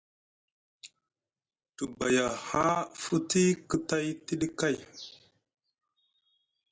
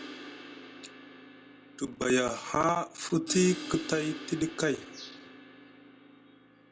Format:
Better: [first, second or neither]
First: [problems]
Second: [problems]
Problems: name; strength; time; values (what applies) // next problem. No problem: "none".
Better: first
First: none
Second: background sound (Crash cymbal); 13 dB below the speech